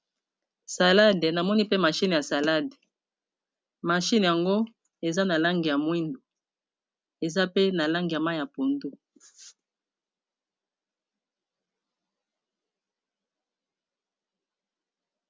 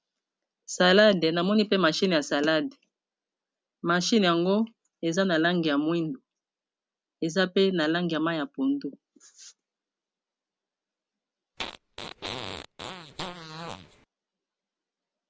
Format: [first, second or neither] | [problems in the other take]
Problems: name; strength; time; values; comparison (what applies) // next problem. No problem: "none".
first | background sound (Fart); 11 dB below the speech